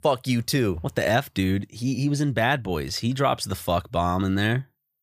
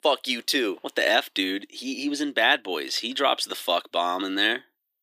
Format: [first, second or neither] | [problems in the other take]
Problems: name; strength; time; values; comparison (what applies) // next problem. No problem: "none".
first | thin; somewhat; fading below 300 Hz